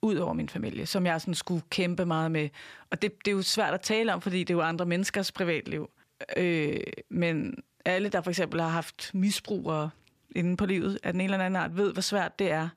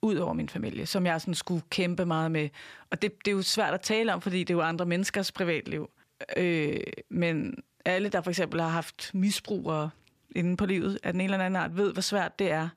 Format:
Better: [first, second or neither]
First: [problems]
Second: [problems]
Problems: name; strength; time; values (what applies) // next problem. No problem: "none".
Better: neither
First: none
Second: none